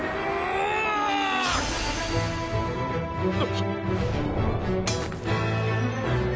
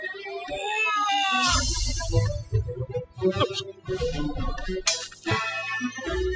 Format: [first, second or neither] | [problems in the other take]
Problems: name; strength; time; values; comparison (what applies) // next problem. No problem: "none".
first | noise reduction (classical method spectral subtraction)